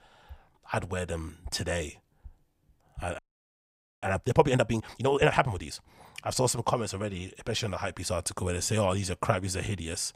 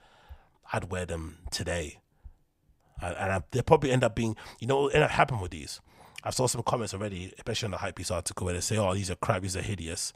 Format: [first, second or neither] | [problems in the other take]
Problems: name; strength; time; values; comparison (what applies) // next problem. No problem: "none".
second | audio freezing; at 3 s for 1 s